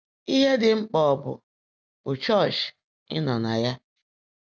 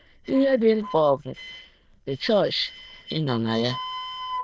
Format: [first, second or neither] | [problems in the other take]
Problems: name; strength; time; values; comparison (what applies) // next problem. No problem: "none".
first | noise reduction (neural diffusion model UNIVERSE++)